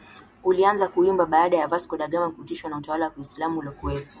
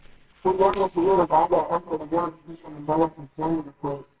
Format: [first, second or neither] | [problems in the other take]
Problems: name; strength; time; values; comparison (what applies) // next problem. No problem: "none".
first | noise reduction (neural separator model SepFormer WHAMR!)